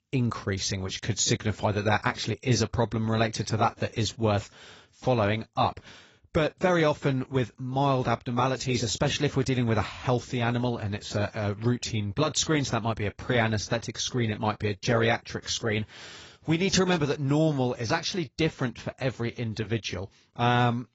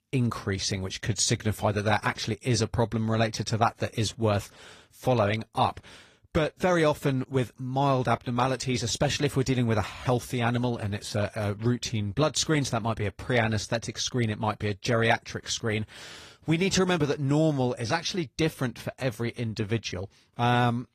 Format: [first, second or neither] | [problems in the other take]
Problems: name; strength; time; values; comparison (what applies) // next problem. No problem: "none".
second | garbled, watery; badly; nothing above 7.5 kHz; slightly in the second